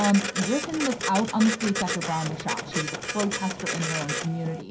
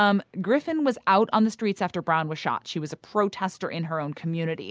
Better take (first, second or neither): second